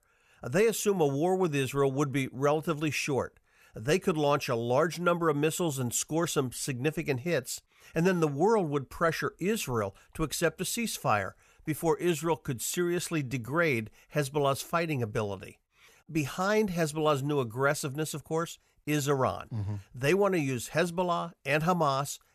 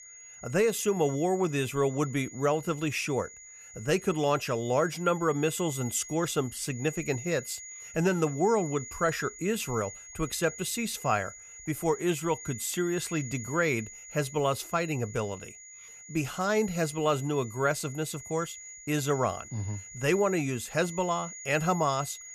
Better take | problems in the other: first | high-pitched whine; noticeable; throughout; 7 kHz, 15 dB below the speech

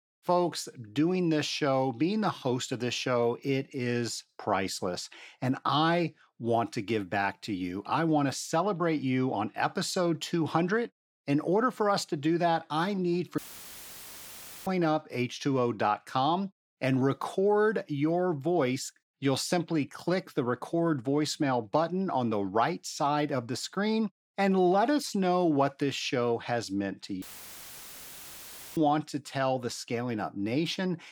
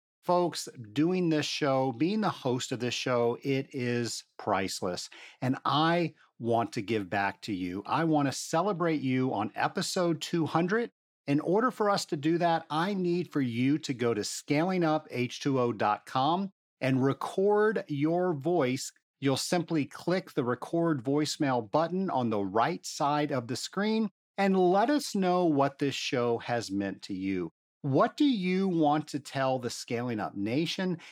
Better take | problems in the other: second | audio cutting out; filled with static; at 13 s for 1.5 s and at 27 s for 1.5 s

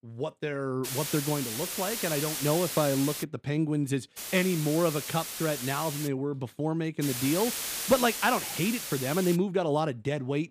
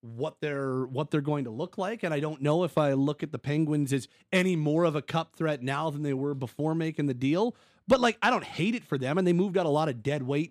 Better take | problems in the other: second | hiss; loud; from 1 to 3 s, from 4 to 6 s and from 7 to 9.5 s; 4 dB below the speech

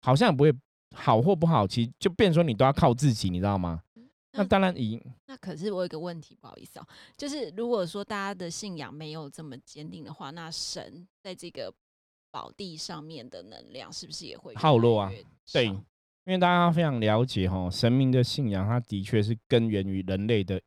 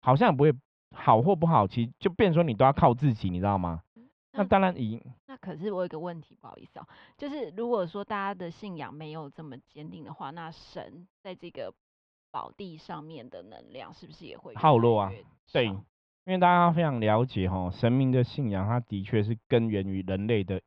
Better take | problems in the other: first | muffled; very; fading above 3 kHz

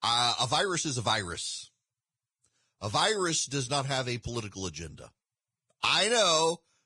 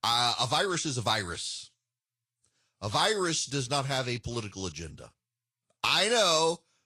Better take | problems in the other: second | garbled, watery; badly; slightly in the second

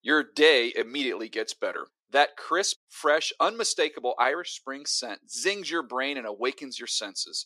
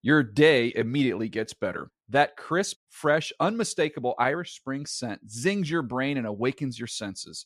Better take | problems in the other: second | thin; somewhat; fading below 350 Hz

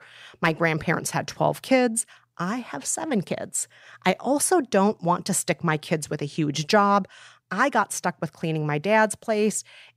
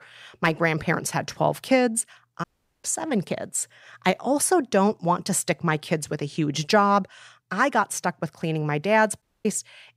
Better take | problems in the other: first | audio cutting out; at 2.5 s and at 9 s

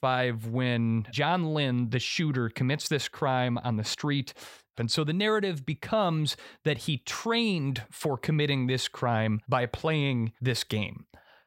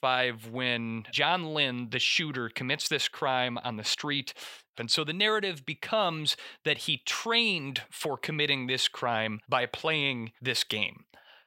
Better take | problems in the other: first | thin; somewhat; fading below 500 Hz

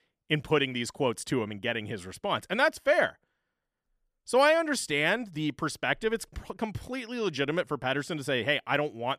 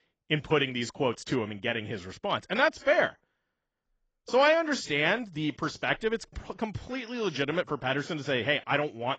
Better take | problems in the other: first | garbled, watery; badly; nothing above 7.5 kHz

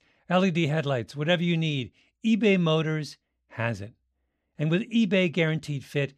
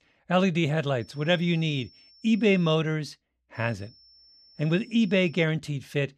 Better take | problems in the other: first | high-pitched whine; faint; from 1 to 3 s and from 3.5 to 5.5 s; 5.5 kHz, 30 dB below the speech

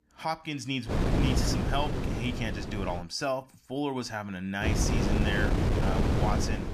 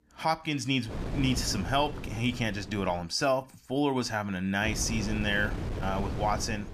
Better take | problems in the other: second | wind noise on the microphone; heavy; from 1 to 3 s and from 4.5 s on; 1 dB below the speech; occasional gusts in the second

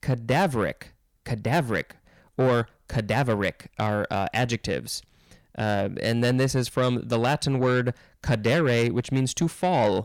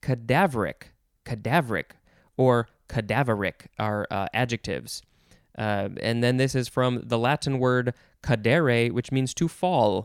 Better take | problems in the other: second | distortion; slight; 10 dB below the speech

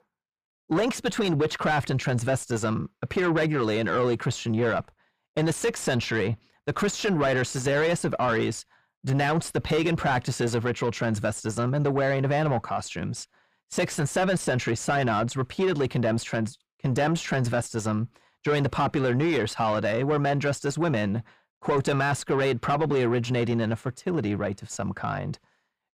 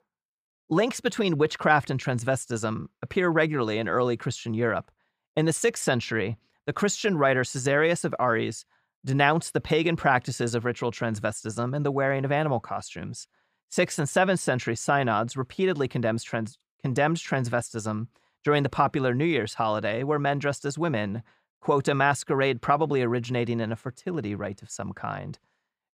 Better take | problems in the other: second | distortion; heavy; 8 dB below the speech

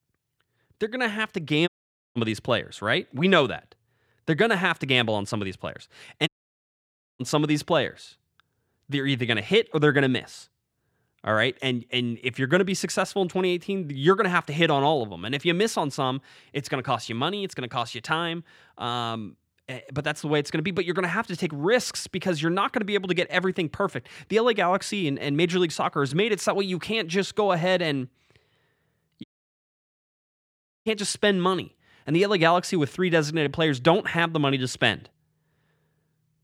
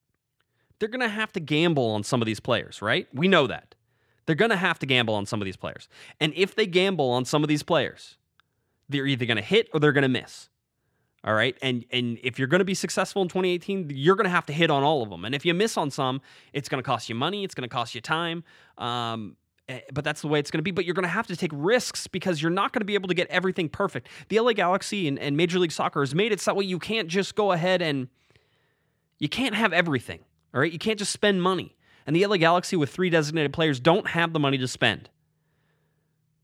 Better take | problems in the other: second | audio cutting out; at 1.5 s, at 6.5 s for 1 s and at 29 s for 1.5 s

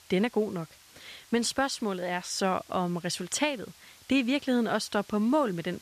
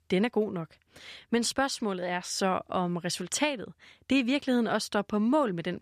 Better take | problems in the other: second | hiss; faint; throughout; 25 dB below the speech

